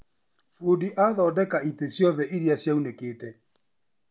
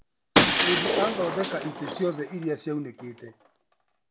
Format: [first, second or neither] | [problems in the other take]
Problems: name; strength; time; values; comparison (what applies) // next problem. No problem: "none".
first | background sound (Shatter); 3 dB above the speech